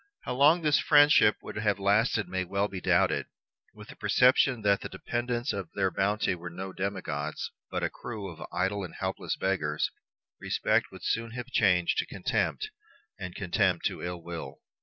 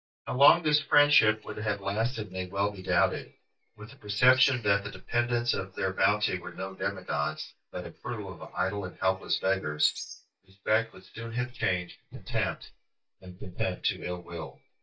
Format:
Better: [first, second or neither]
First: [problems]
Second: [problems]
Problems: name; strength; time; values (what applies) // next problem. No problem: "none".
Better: first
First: none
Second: noise reduction (neural mask model DeepFilterNet 3)